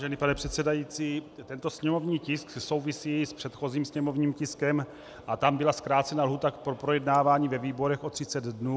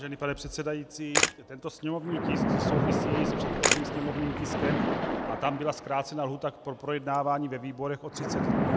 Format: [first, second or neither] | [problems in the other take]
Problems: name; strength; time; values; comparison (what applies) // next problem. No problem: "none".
first | background sound (Splash, splatter + Camera); 3 dB above the speech